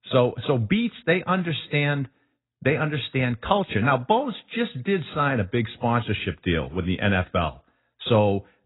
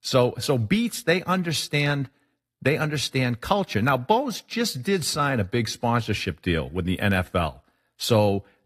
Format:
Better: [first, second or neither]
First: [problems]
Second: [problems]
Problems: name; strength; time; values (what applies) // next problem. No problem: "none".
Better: second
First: garbled, watery; badly; nothing above 4 kHz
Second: garbled, watery; slightly; nothing above 14.5 kHz